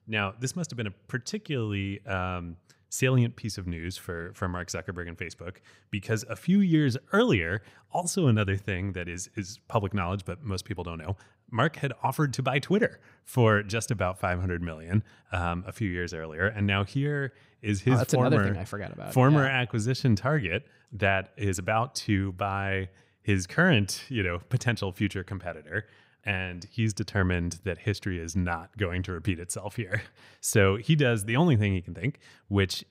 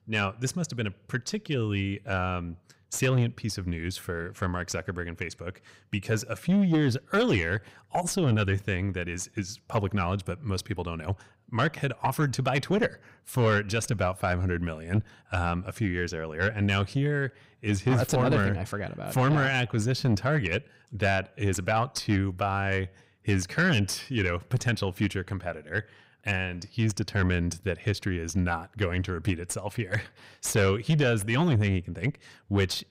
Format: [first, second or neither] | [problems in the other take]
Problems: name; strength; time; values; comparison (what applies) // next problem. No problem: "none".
first | distortion; slight; 10 dB below the speech